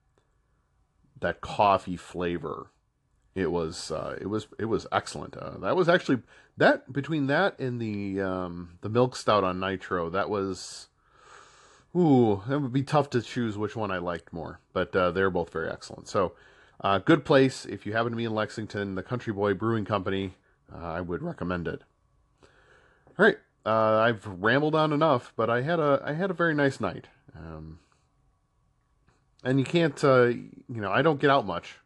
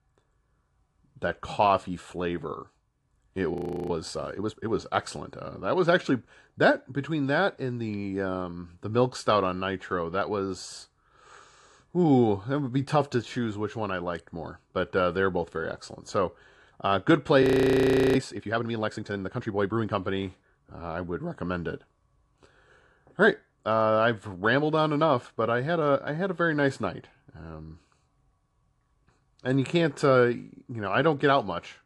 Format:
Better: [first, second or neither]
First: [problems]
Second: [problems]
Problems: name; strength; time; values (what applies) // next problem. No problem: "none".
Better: first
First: none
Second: audio freezing; at 3.5 s and at 17 s for 0.5 s